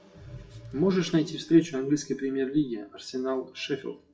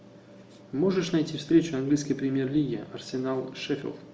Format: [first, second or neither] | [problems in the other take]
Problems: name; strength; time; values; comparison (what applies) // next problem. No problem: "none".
second | noise reduction (classical method WPE with log-MMSE)